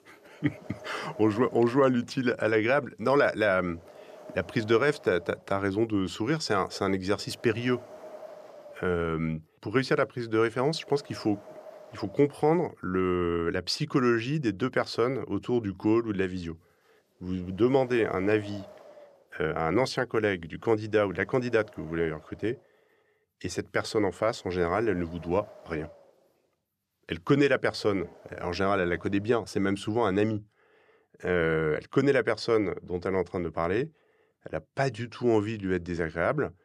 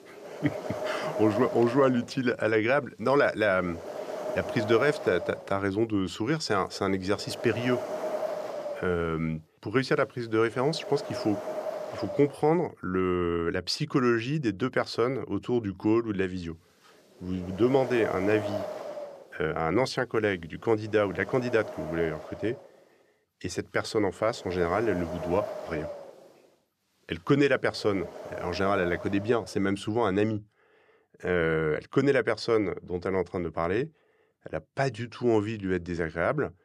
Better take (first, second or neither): first